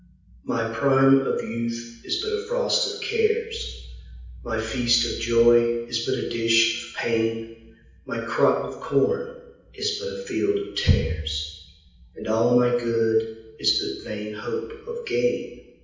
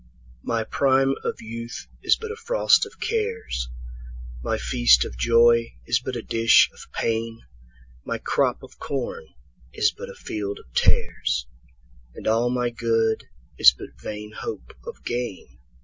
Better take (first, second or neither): second